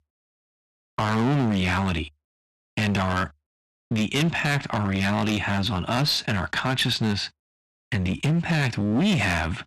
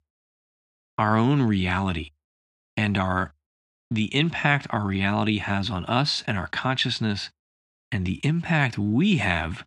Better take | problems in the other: second | distortion; heavy; 14% of the sound clipped

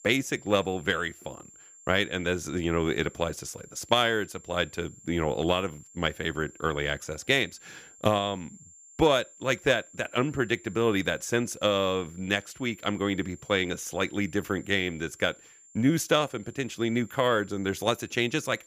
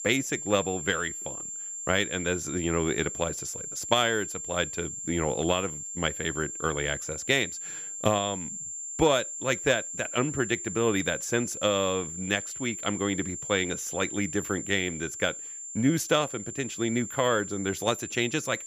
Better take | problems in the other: first | high-pitched whine; loud; throughout; 7.5 kHz, 6 dB below the speech; faint in the first

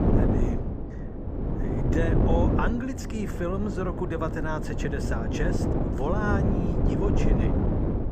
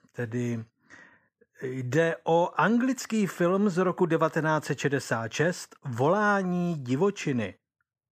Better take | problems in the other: second | wind noise on the microphone; heavy; 1 dB below the speech

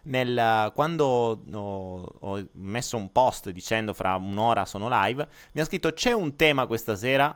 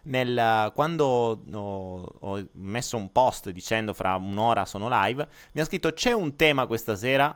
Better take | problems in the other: neither | none

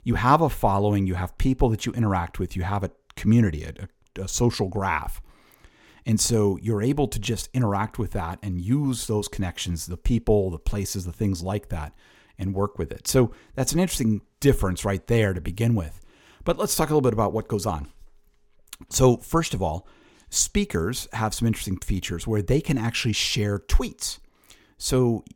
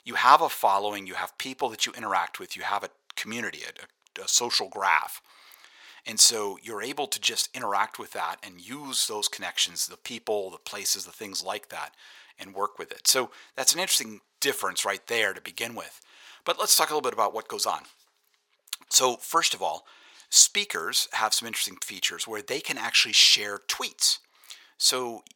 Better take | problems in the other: first | thin; very; fading below 900 Hz

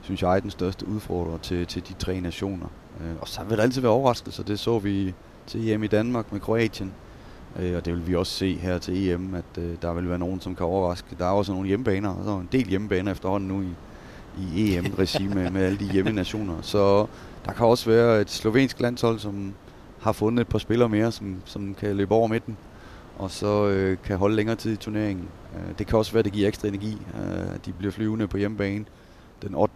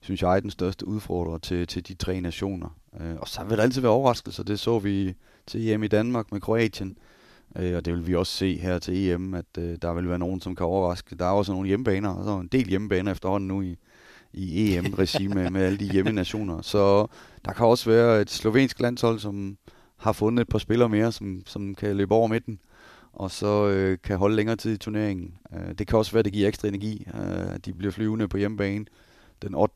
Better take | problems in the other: second | wind noise on the microphone; occasional gusts; 20 dB below the speech

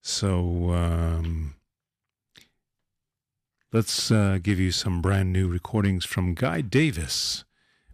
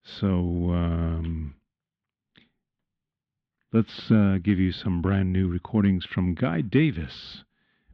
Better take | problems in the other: first | muffled; very; fading above 3.5 kHz

